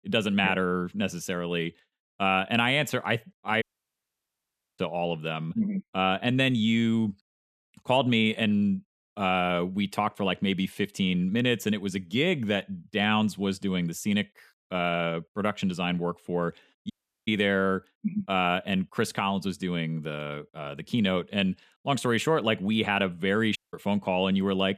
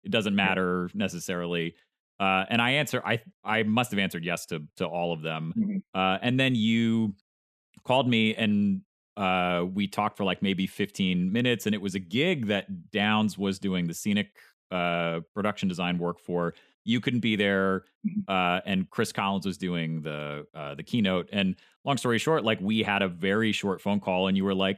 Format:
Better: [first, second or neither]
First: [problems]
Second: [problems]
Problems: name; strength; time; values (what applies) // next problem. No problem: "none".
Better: second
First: audio cutting out; at 3.5 s for 1 s, at 17 s and at 24 s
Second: none